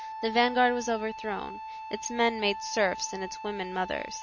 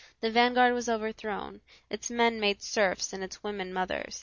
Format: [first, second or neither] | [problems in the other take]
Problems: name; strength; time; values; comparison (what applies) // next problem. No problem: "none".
second | background sound (Wind instrument, woodwind instrument); 10 dB below the speech